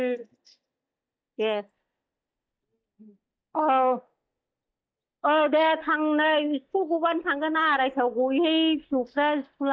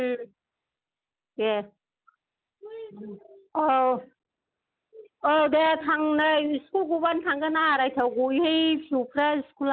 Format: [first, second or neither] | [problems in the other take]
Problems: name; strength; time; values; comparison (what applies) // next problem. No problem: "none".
second | noise reduction (neural mask model DeepFilterNet 3)